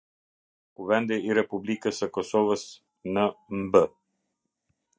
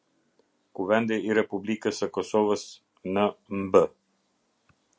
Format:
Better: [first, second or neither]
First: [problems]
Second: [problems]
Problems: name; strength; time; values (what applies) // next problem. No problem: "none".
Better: second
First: noise reduction (neural mask model DeepFilterNet 3)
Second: none